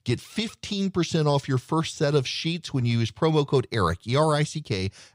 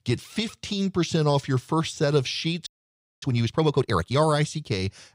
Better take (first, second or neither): first